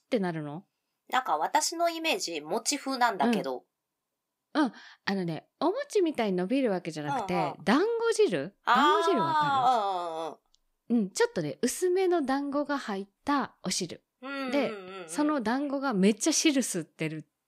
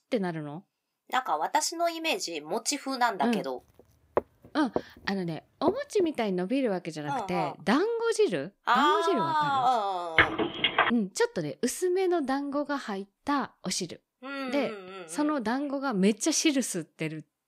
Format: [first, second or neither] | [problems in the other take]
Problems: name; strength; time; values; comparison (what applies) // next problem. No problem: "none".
first | footsteps; noticeable; from 4 to 6 s; peak 4 dB below the speech // phone ringing; loud; at 10 s; peak 5 dB above the speech